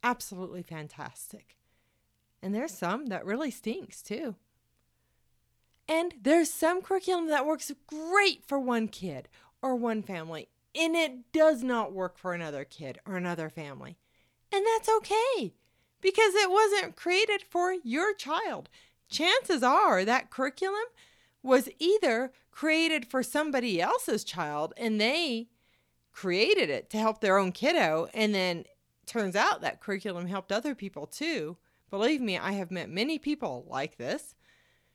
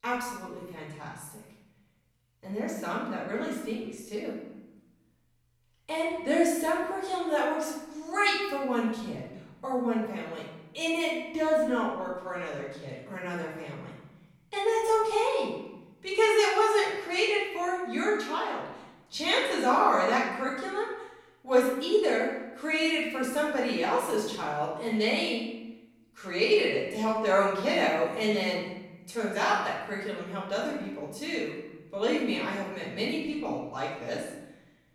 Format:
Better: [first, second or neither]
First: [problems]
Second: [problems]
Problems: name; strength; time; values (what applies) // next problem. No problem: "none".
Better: first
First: none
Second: off-mic speech; far // room echo; noticeable; dies away in 0.9 s